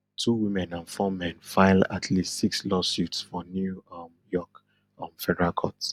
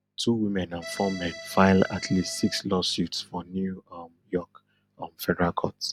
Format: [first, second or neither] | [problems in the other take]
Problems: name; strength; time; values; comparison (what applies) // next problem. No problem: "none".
first | background sound (Accordion); 13 dB below the speech